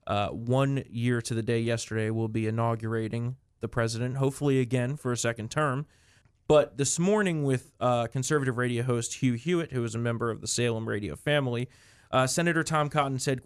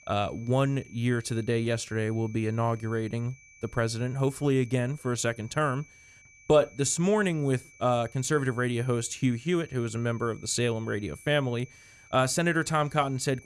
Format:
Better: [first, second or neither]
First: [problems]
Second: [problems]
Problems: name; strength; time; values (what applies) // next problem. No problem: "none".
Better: first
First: none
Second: high-pitched whine; faint; throughout; 2.5 kHz, 25 dB below the speech